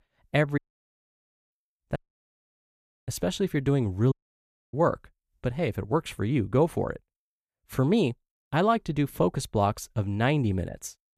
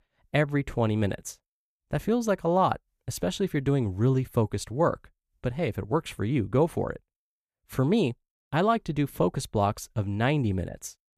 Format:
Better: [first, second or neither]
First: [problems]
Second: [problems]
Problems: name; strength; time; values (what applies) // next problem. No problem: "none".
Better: second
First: audio cutting out; at 0.5 s for 1 s, at 2 s for 1 s and at 4 s for 0.5 s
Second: none